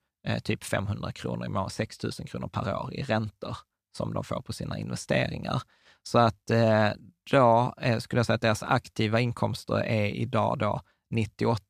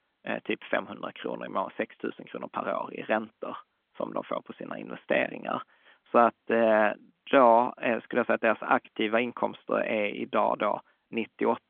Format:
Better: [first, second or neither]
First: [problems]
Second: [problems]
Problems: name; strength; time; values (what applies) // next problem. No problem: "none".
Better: first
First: none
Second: phone-call audio; nothing above 3.5 kHz